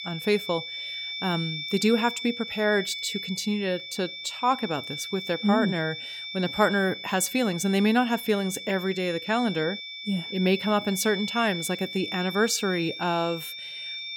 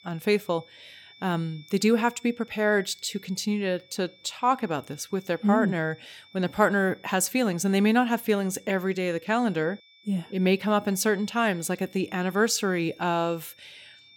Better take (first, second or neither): second